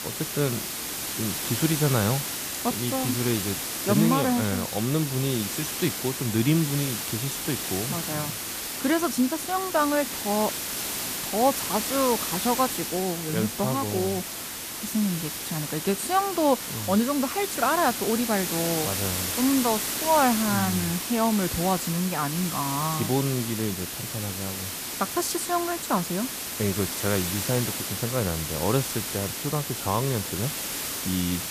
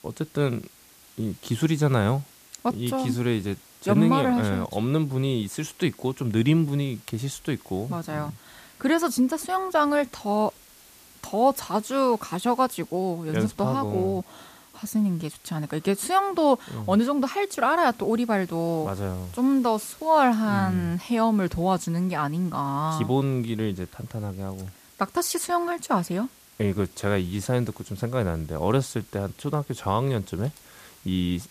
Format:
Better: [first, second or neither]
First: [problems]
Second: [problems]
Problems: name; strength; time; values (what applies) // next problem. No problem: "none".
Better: second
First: hiss; loud; throughout; 2 dB below the speech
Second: hiss; faint; throughout; 25 dB below the speech